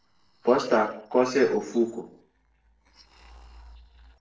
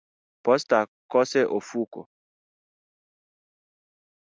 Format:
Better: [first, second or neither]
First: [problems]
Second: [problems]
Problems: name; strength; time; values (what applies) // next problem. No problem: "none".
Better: second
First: noise reduction (neural separator model SepFormer DNS4)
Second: none